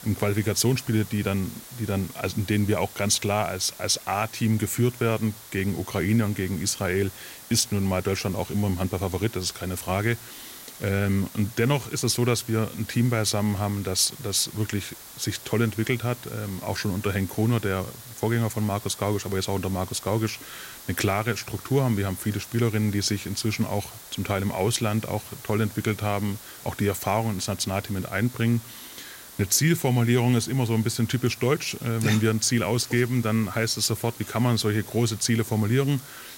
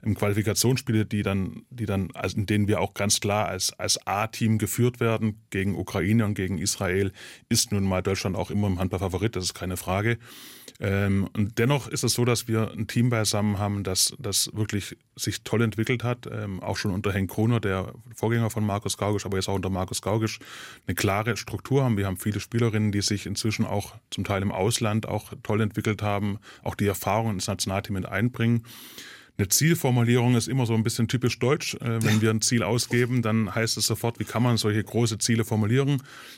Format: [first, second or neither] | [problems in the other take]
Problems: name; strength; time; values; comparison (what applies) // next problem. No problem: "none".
second | hiss; noticeable; throughout; 15 dB below the speech